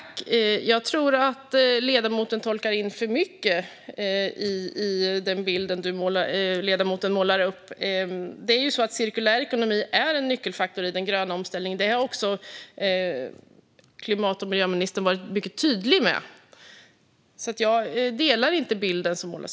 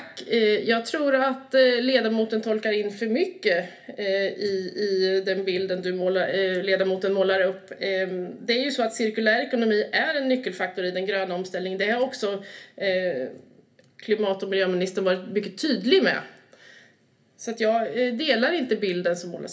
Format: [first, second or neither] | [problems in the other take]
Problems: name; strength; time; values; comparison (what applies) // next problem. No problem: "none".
first | room echo; dies away in 0.3 s